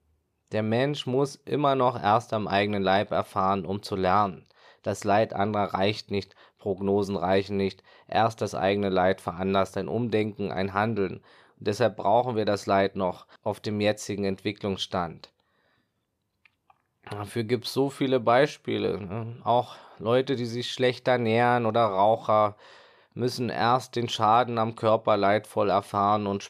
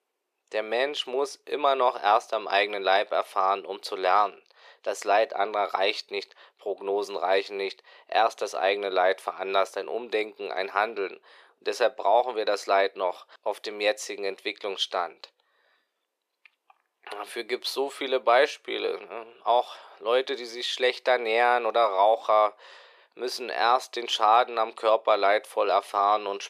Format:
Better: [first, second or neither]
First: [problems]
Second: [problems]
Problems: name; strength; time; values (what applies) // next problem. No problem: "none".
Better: first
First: none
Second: thin; very; fading below 400 Hz